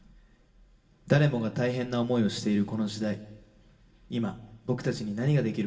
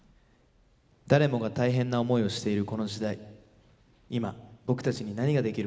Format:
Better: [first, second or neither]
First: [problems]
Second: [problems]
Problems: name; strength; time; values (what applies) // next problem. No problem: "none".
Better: second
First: room echo; dies away in 0.2 s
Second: none